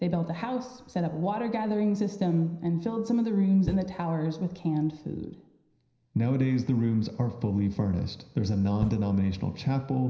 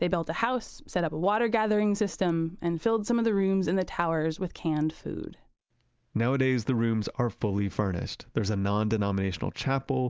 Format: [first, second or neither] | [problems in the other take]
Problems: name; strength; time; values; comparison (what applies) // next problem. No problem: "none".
second | background sound (Knock); 12 dB below the speech // room echo; dies away in 0.9 s